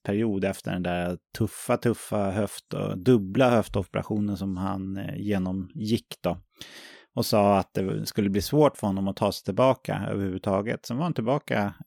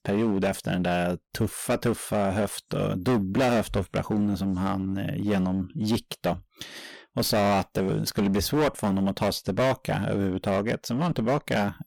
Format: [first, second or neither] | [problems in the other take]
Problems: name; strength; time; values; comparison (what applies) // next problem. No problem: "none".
first | distortion; heavy; 14% of the sound clipped